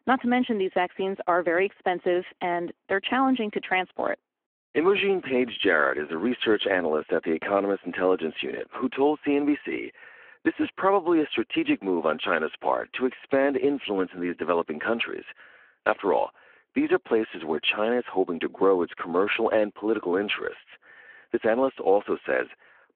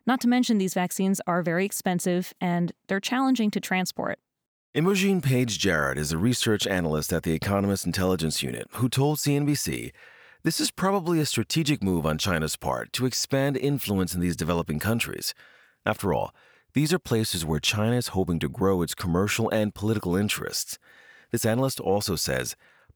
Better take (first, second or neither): second